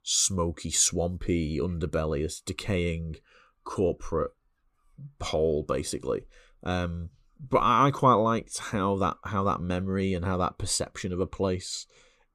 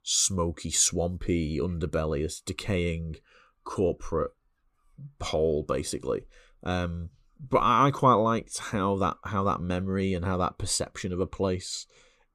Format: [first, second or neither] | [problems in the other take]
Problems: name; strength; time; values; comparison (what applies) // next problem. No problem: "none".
neither | none